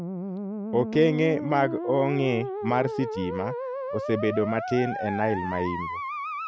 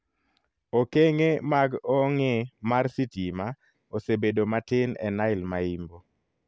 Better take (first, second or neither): second